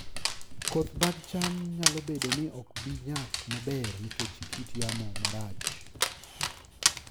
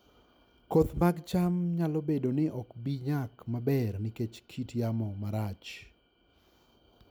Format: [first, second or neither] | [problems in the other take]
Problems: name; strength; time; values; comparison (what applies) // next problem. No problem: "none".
second | background sound (Dog); 2 dB above the speech